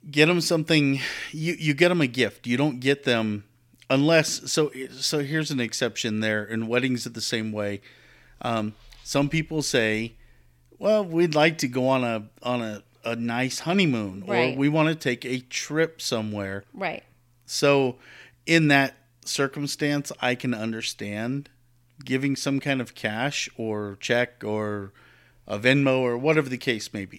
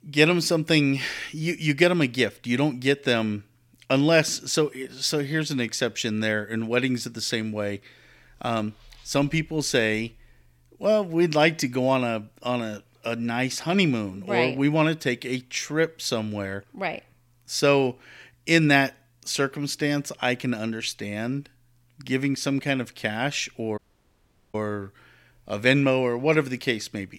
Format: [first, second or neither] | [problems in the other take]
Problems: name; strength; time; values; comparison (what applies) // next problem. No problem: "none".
first | audio cutting out; at 24 s for 1 s